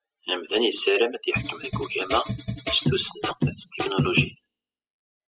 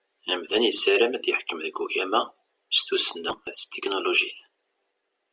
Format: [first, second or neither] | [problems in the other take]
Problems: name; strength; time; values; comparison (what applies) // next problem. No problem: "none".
second | noise reduction (classical method spectral subtraction)